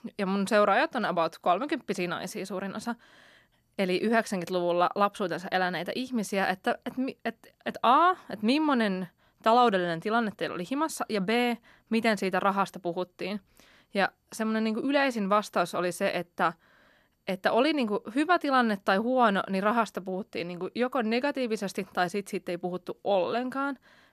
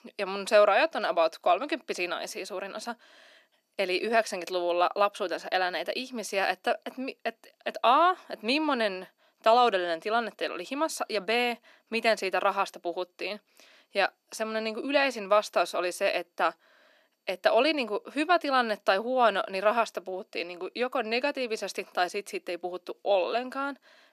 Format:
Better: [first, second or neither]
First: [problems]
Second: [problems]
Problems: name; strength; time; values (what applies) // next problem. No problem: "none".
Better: first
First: none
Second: thin; somewhat; fading below 300 Hz